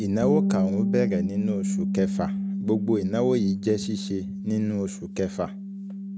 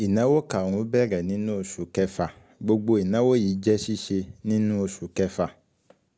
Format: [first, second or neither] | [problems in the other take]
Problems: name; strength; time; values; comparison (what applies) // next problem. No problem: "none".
second | background sound (Bass guitar); 1 dB below the speech